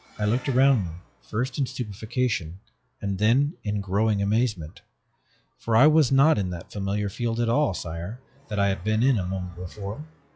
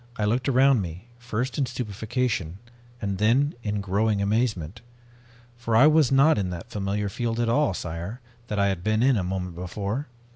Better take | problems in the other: second | noise reduction (classical method log-MMSE)

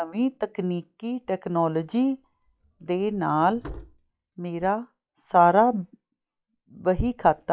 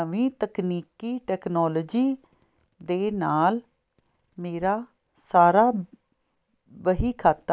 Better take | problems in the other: second | noise reduction (classical method log-MMSE)

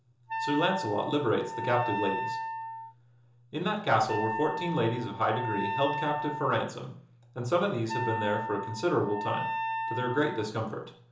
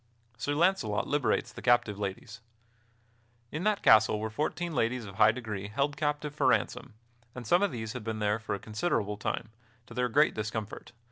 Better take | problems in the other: second | background sound (Wind instrument, woodwind instrument); 4 dB below the speech // room echo; dies away in 0.6 s

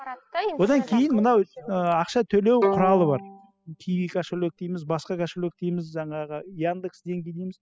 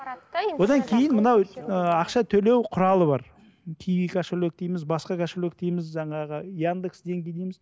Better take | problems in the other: second | noise reduction (classical method spectral subtraction)

